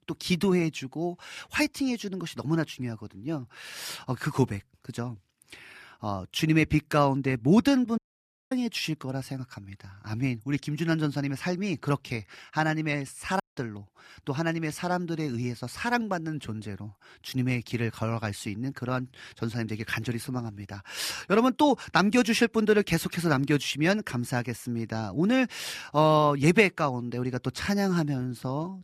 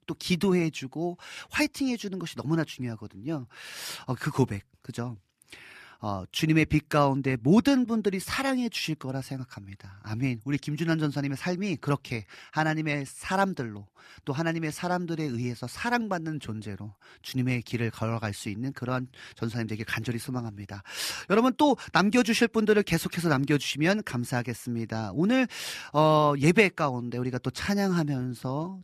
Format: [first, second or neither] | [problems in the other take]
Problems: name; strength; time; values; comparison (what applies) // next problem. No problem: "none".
second | audio cutting out; at 8 s for 0.5 s and at 13 s